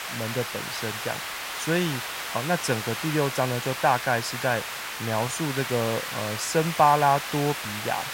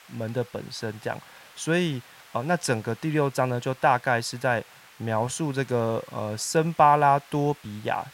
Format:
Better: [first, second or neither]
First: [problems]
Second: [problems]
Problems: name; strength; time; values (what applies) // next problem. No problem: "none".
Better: second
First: hiss; loud; throughout; 5 dB below the speech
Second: hiss; faint; throughout; 25 dB below the speech